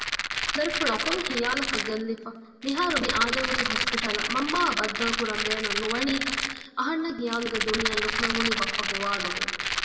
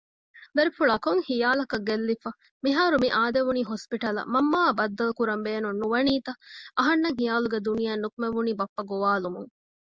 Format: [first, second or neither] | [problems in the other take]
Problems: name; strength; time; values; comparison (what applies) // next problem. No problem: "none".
second | background sound (Rattle); as loud as the speech // room echo; dies away in 1.6 s